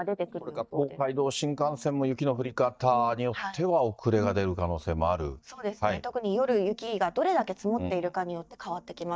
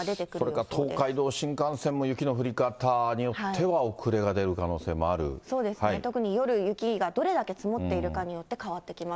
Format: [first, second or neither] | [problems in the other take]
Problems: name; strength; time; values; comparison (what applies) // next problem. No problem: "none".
second | noise reduction (neural mask model DeepFilterNet 3)